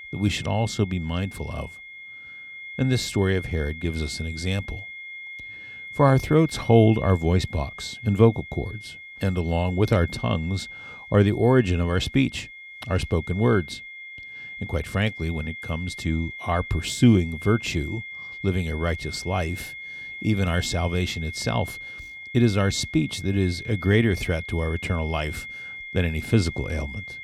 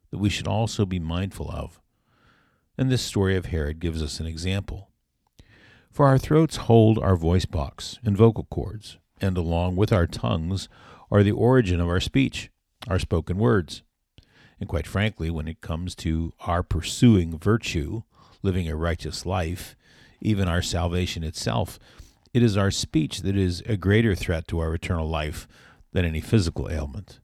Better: second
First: high-pitched whine; noticeable; throughout; 2 kHz, 10 dB below the speech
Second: none

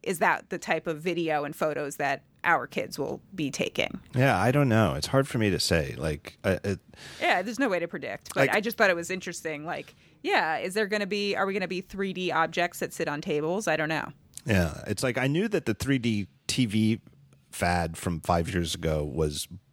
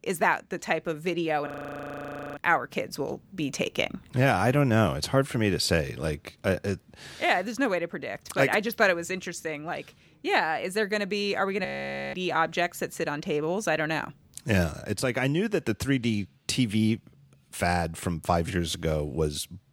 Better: first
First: none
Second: audio freezing; at 1.5 s for 1 s and at 12 s

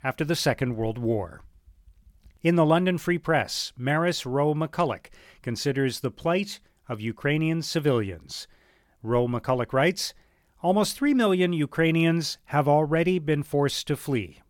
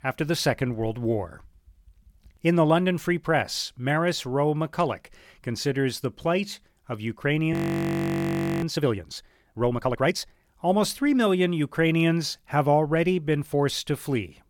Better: first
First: none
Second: audio freezing; at 7.5 s for 1 s

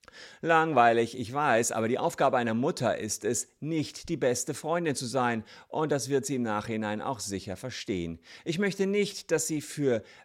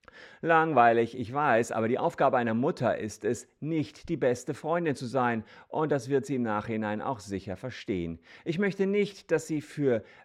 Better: first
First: none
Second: muffled; slightly; fading above 4 kHz

